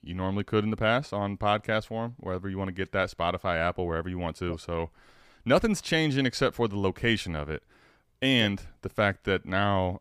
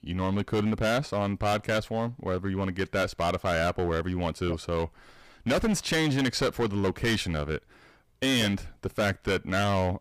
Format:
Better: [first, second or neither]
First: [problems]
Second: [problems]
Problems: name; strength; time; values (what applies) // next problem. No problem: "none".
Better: first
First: none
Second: distortion; heavy; 12% of the sound clipped